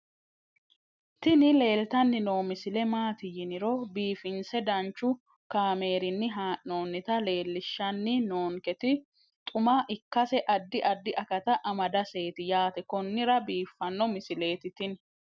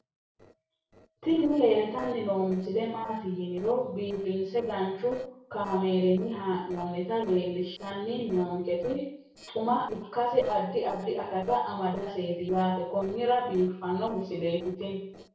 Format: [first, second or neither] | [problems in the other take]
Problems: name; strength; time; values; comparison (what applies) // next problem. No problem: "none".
first | noise reduction (neural separator model SepFormer DNS4)